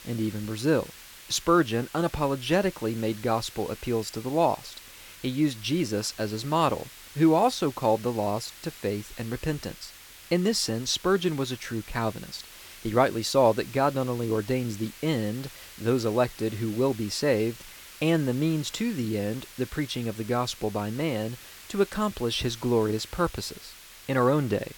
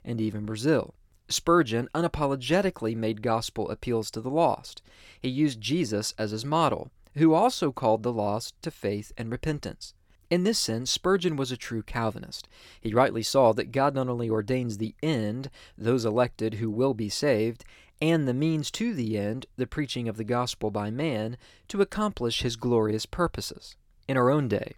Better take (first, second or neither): second